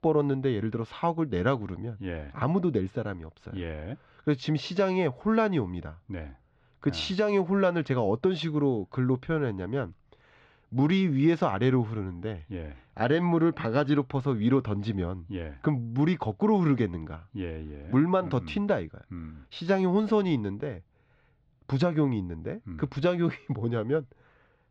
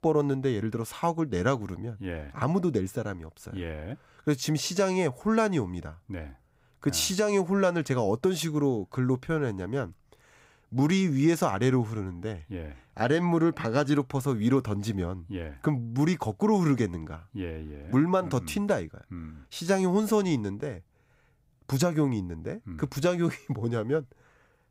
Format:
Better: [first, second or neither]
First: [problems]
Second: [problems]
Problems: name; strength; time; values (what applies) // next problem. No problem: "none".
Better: second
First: muffled; slightly; fading above 4 kHz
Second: none